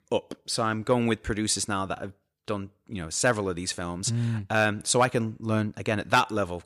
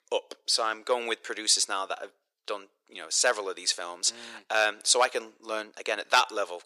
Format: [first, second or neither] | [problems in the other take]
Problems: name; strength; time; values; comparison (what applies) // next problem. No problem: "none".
first | thin; very; fading below 450 Hz